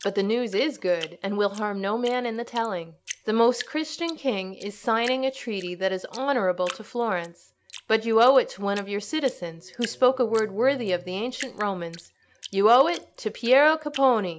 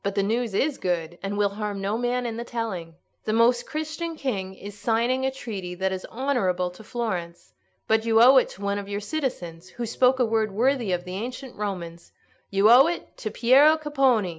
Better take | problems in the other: second | background sound (Drip); 19 dB below the speech

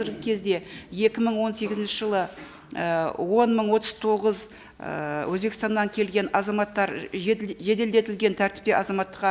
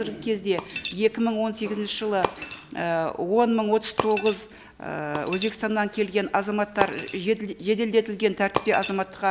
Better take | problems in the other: first | background sound (Shatter); 10 dB below the speech

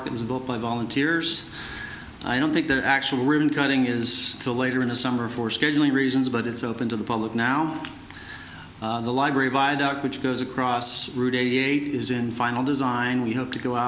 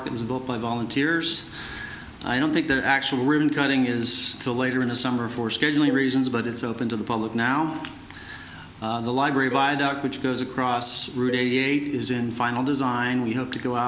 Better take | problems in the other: first | background sound (Cowbell); 17 dB below the speech

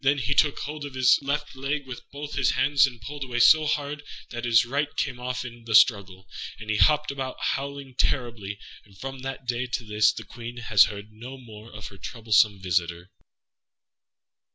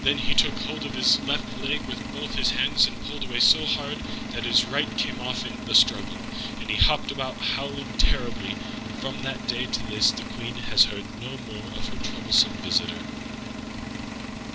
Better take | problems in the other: first | background sound (Engine); 7 dB below the speech

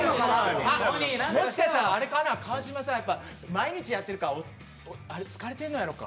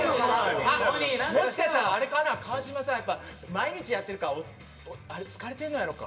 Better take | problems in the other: first | room echo; dies away in 0.3 s

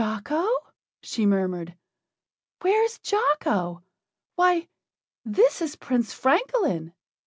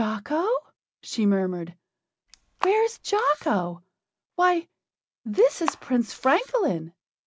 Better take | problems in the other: first | background sound (Camera); 12 dB below the speech

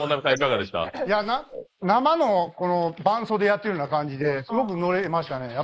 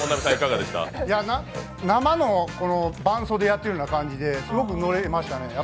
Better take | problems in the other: second | noise reduction (neural mask model Resemble Enhance denoiser)

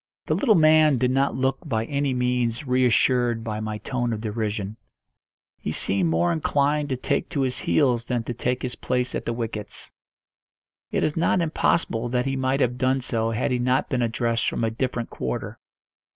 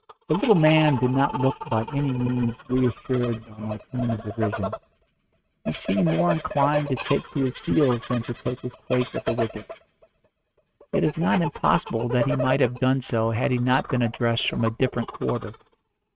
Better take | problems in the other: first | noise reduction (neural mask model RNNoise)

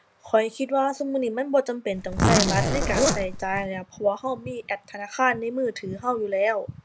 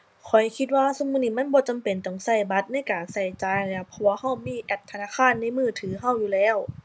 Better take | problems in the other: second | background sound (Zipper (clothing)); 3 dB above the speech

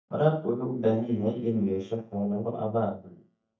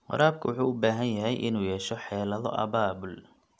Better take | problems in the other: second | noise reduction (neural mask model DeepFilterNet 3)

